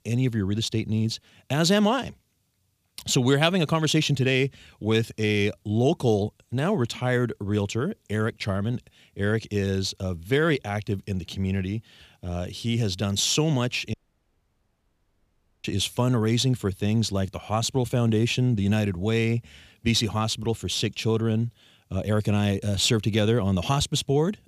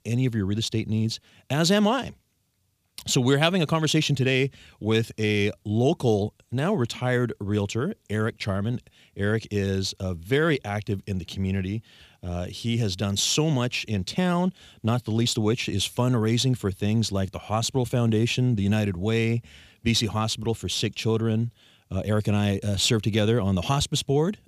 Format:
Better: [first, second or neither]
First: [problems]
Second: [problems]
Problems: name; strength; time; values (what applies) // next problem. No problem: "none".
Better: second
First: audio cutting out; at 14 s for 1.5 s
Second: none